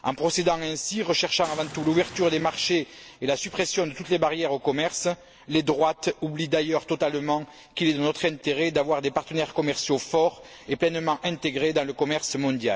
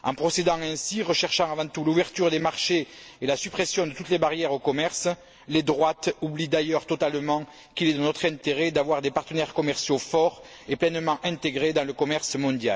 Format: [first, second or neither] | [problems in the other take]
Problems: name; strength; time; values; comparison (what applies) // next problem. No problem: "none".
second | background sound (Boom); 16 dB below the speech